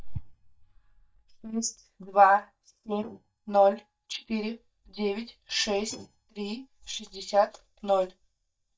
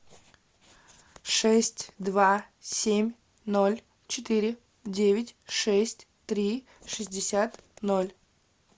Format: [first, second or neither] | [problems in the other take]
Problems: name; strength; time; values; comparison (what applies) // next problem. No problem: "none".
second | noise reduction (neural mask model DeepFilterNet 3)